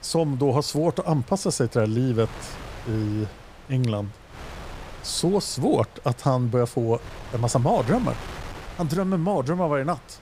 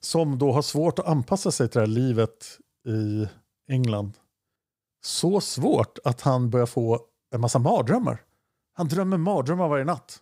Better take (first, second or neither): second